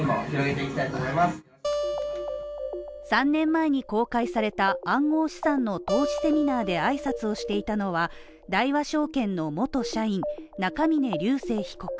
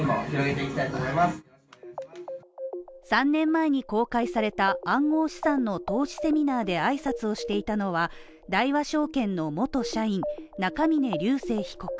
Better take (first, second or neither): second